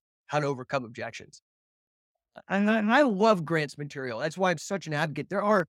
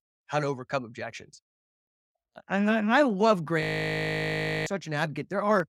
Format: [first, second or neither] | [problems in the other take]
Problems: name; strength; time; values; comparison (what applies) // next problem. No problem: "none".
first | audio freezing; at 3.5 s for 1 s